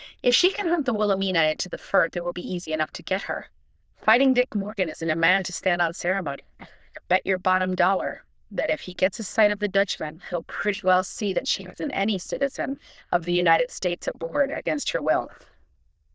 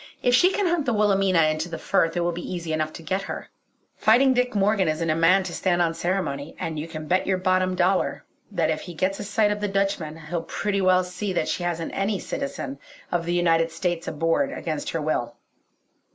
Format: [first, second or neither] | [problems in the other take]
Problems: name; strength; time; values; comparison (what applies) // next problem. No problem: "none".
second | noise reduction (neural diffusion model UNIVERSE++)